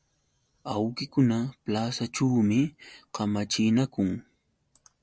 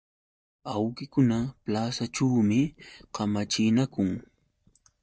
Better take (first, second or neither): first